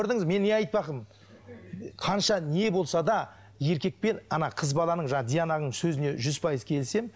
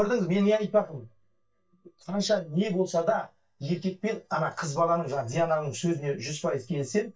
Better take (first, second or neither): first